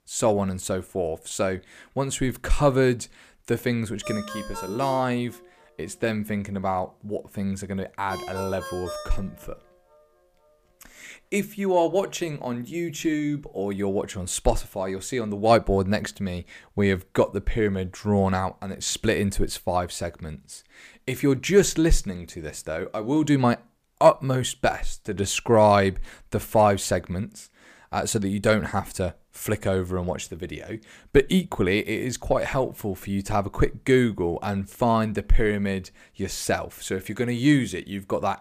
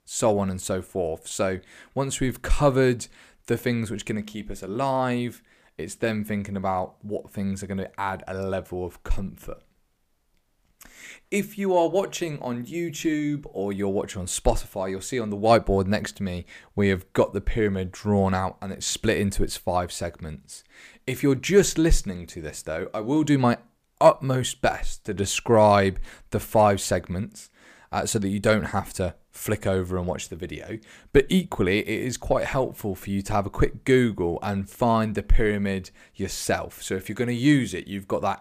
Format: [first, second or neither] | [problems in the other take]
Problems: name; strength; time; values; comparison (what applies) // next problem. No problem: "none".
second | phone ringing; faint; from 4 to 9.5 s; peak 10 dB below the speech